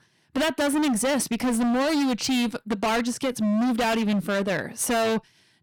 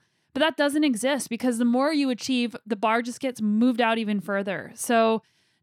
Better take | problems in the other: second | distortion; heavy; 33% of the sound clipped

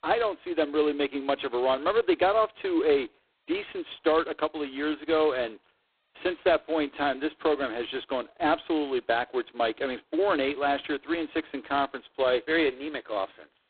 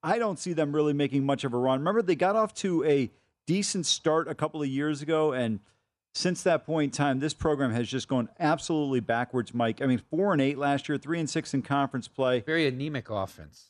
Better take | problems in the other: second | phone-call audio; poor line; nothing above 4 kHz

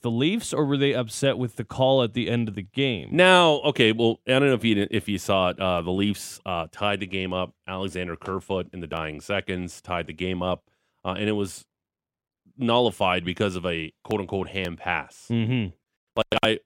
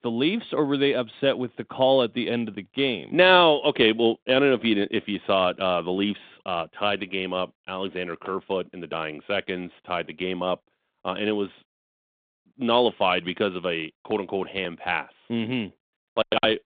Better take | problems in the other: first | phone-call audio

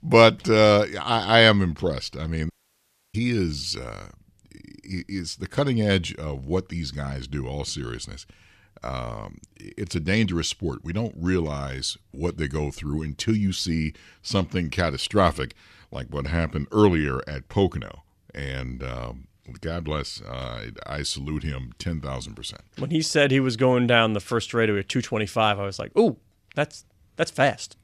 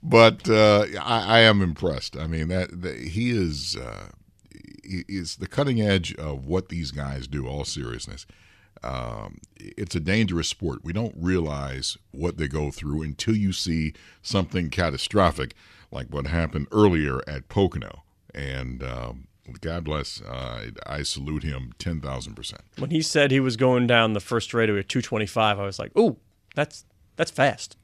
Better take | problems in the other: second | audio cutting out; at 2.5 s for 0.5 s

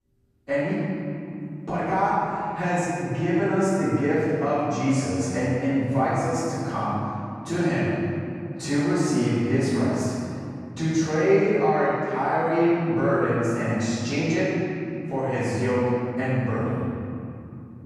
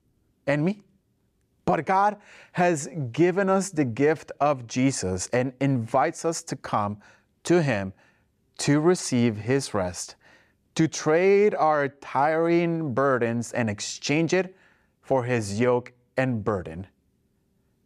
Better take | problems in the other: second | off-mic speech; far // room echo; strong; dies away in 3 s

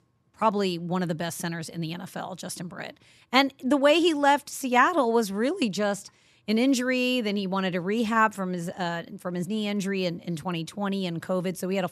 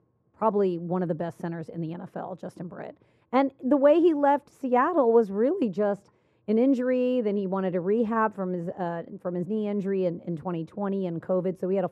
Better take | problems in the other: first | muffled; very; fading above 2 kHz

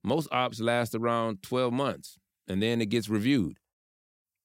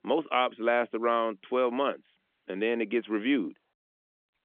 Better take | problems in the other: first | phone-call audio; nothing above 3.5 kHz

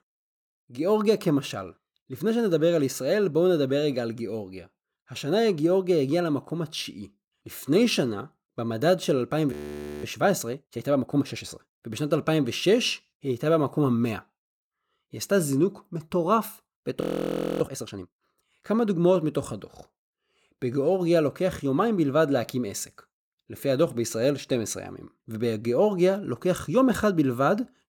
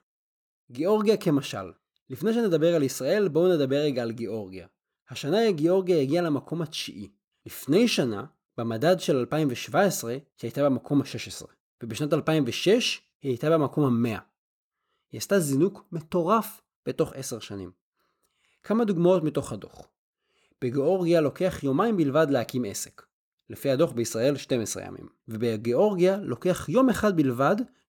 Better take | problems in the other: second | audio freezing; at 9.5 s for 0.5 s and at 17 s for 0.5 s

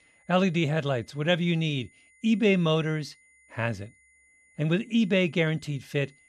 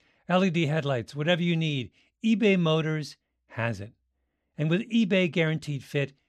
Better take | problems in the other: second | high-pitched whine; faint; throughout; 2 kHz, 30 dB below the speech

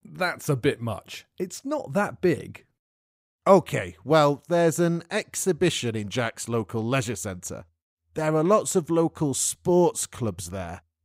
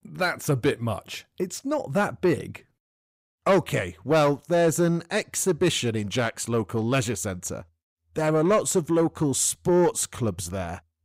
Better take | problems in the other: first | distortion; slight; 10 dB below the speech

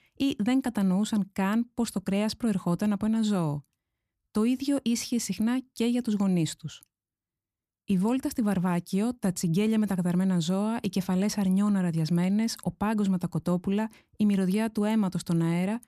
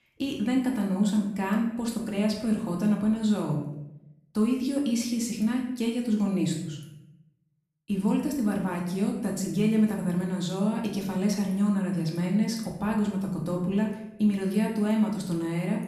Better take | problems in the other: first | room echo; noticeable; dies away in 0.7 s // off-mic speech; far

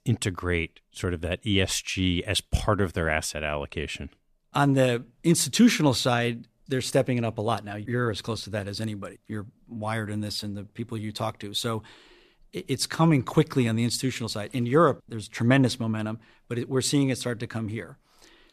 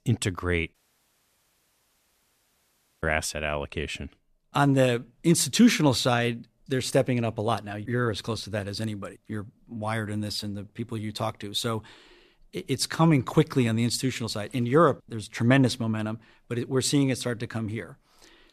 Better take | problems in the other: first | audio cutting out; at 0.5 s for 2.5 s

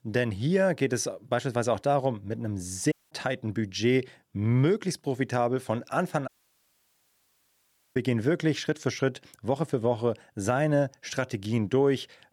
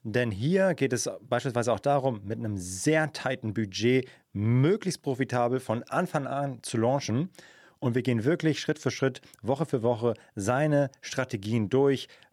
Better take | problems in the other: second | audio cutting out; at 3 s and at 6.5 s for 1.5 s

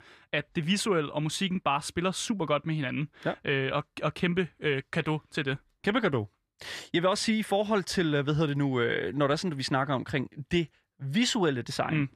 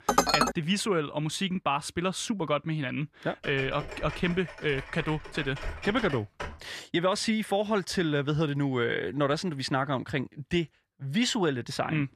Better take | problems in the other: first | clattering dishes; loud; at the start; peak 6 dB above the speech // keyboard typing; noticeable; from 3.5 to 6.5 s; peak 8 dB below the speech

